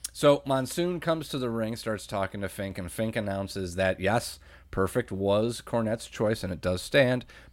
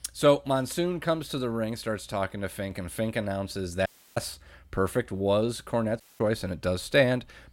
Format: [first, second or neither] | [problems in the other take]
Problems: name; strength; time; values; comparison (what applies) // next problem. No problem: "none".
first | audio cutting out; at 4 s and at 6 s